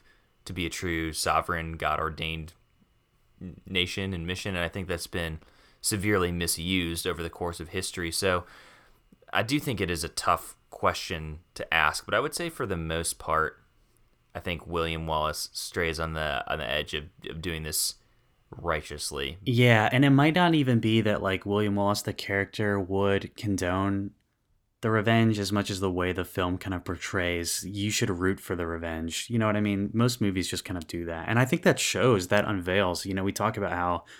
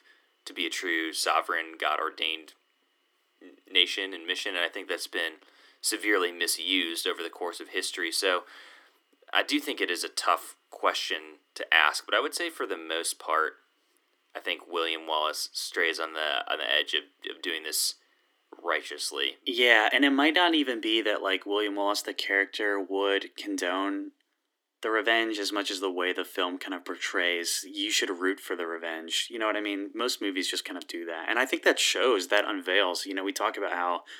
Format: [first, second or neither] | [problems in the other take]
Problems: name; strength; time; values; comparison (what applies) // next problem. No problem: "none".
first | thin; somewhat; fading below 300 Hz